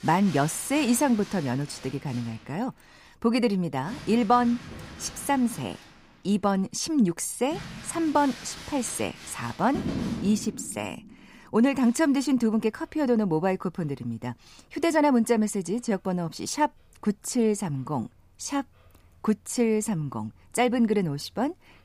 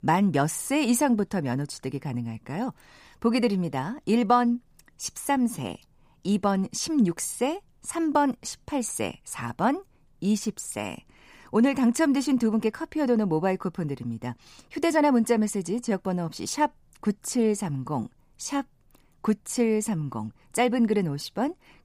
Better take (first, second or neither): second